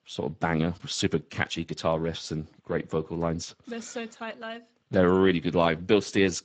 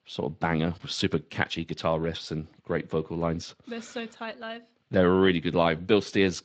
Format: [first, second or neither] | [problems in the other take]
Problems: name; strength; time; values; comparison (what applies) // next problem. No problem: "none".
second | garbled, watery; badly; nothing above 8 kHz; slightly in the second